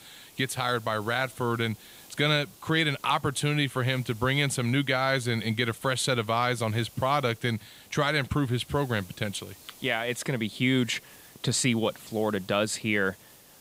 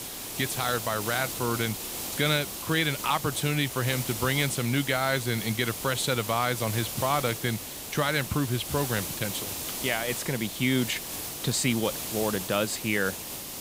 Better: first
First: hiss; faint; throughout; 25 dB below the speech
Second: hiss; loud; throughout; 5 dB below the speech

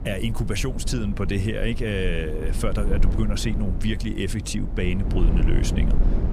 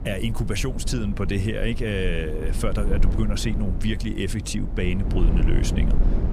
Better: neither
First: wind noise on the microphone; heavy; 9 dB below the speech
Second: wind noise on the microphone; heavy; 9 dB below the speech

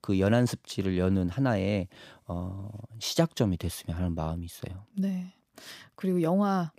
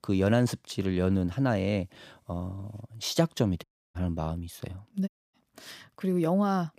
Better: first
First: none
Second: audio cutting out; at 3.5 s and at 5 s

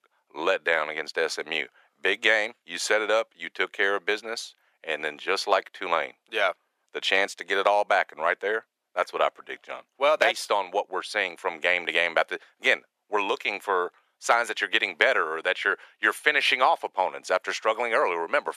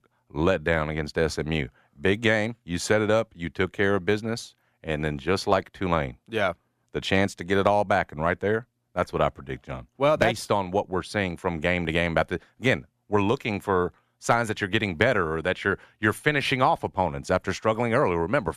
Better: second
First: thin; very; fading below 450 Hz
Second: none

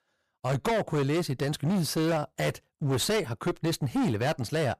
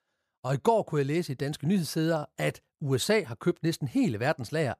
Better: second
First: distortion; heavy; 24% of the sound clipped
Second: none

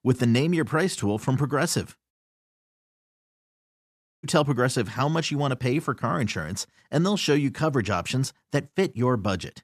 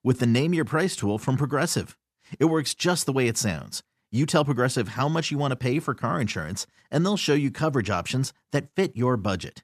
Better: second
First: audio cutting out; at 2 s for 2 s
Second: none

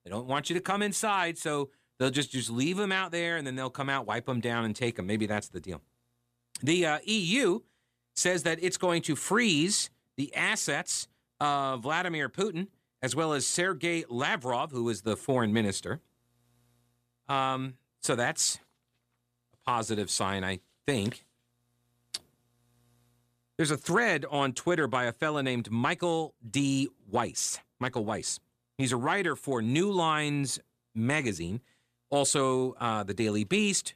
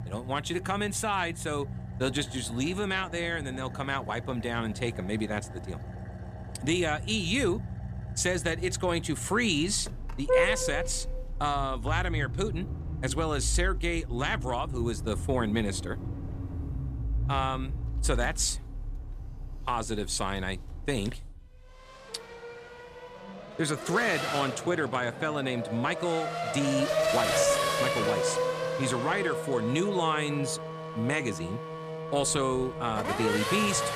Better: first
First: none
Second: traffic noise; loud; throughout; 4 dB below the speech

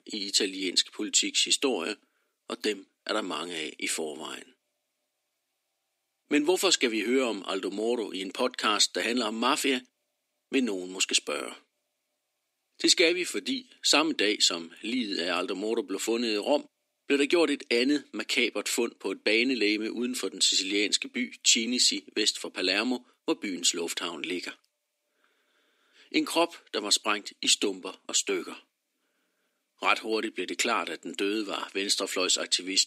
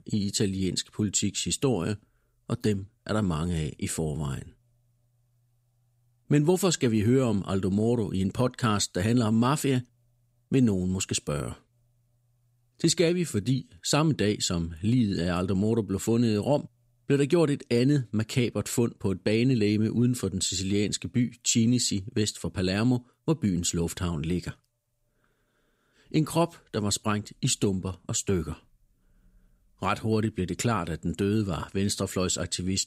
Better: second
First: thin; somewhat; fading below 300 Hz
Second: none

